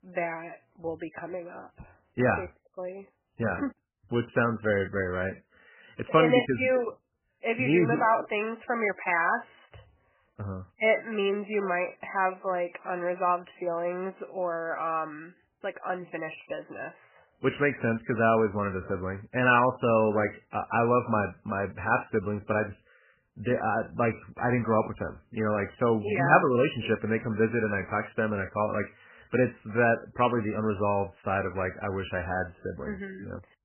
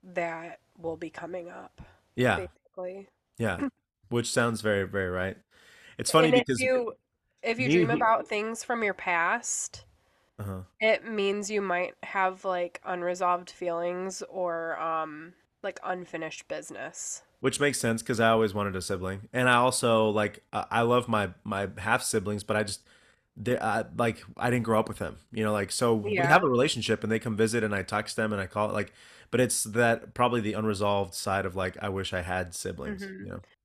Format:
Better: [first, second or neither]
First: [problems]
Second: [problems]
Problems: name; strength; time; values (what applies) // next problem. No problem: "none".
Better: second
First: garbled, watery; badly; nothing above 3 kHz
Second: none